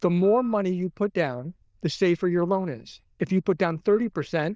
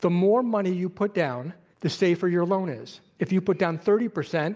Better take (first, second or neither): second